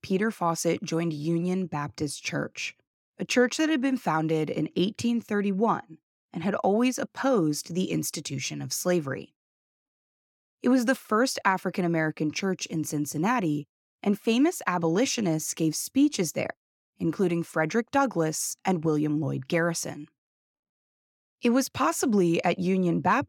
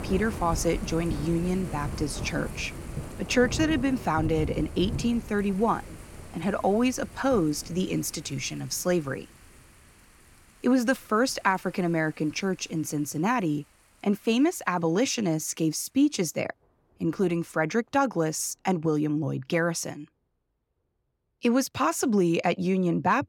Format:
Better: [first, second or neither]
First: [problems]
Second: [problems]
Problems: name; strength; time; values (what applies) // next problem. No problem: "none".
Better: first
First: none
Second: rain or running water; noticeable; throughout; 10 dB below the speech